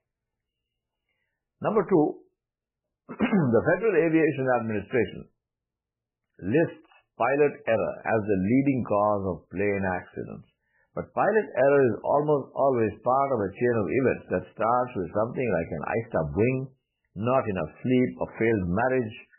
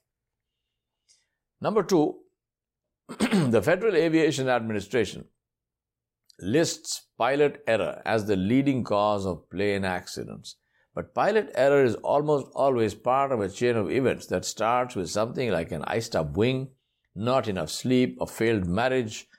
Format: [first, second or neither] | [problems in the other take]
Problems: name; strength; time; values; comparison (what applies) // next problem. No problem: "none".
second | garbled, watery; badly; nothing above 3 kHz